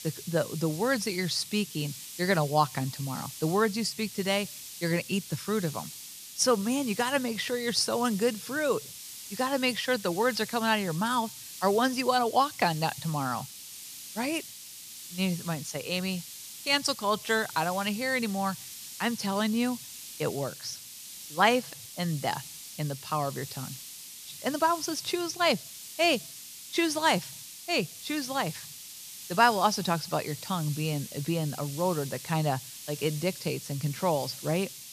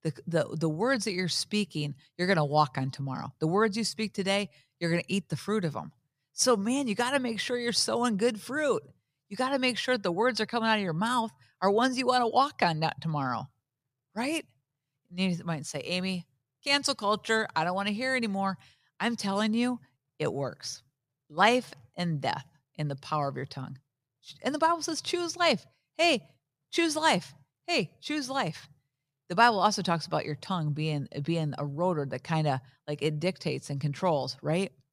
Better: second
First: hiss; noticeable; throughout; 10 dB below the speech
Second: none

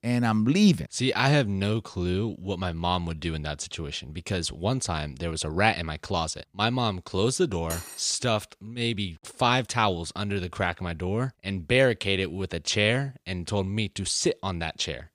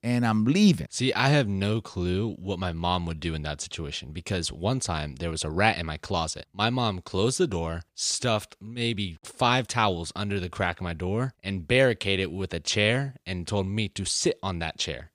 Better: second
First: clattering dishes; noticeable; at 7.5 s; peak 9 dB below the speech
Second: none

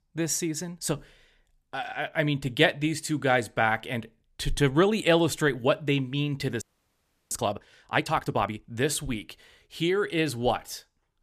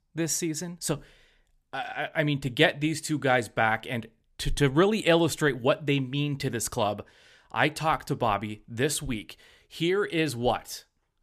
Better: second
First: audio freezing; at 6.5 s for 0.5 s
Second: none

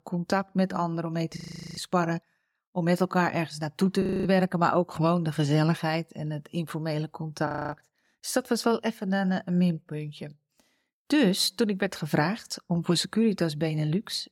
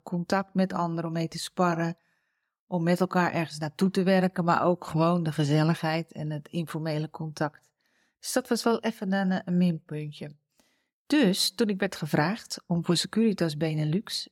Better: second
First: audio freezing; at 1.5 s, at 4 s and at 7.5 s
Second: none

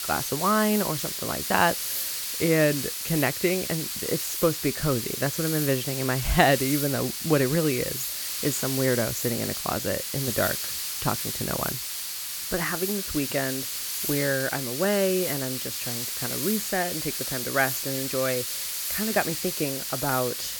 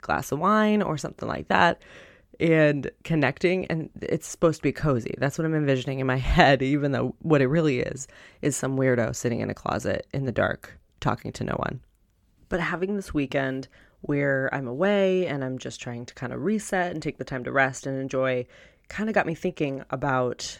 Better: second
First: hiss; loud; throughout; 2 dB below the speech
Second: none

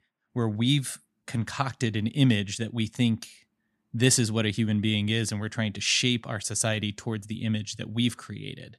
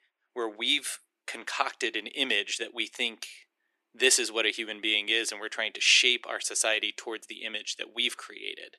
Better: first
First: none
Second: thin; very; fading below 350 Hz

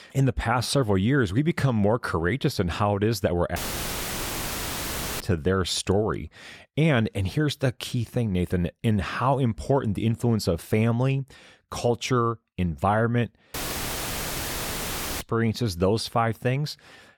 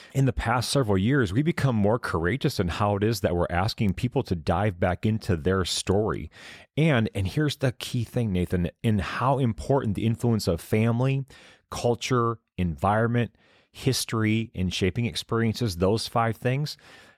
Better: second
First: audio cutting out; filled with static; at 3.5 s for 1.5 s and at 14 s for 1.5 s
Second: none

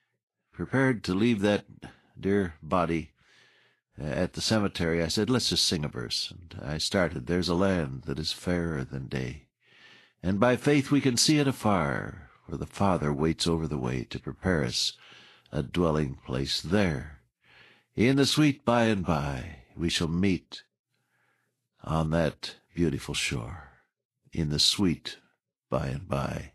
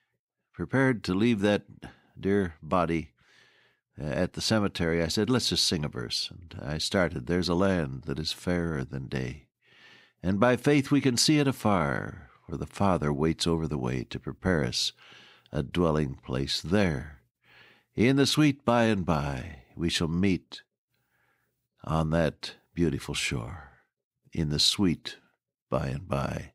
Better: second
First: garbled, watery; slightly; nothing above 12 kHz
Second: none

